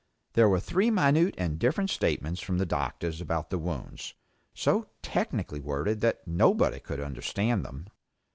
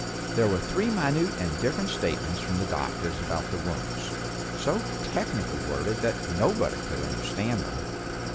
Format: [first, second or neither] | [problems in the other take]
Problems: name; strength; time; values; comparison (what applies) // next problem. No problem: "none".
first | background sound (Idling); 2 dB below the speech